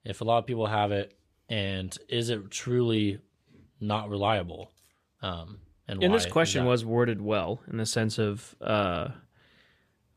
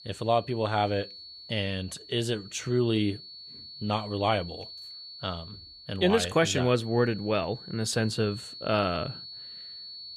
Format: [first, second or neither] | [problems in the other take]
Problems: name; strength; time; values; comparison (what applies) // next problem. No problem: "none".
first | high-pitched whine; noticeable; throughout; 4.5 kHz, 15 dB below the speech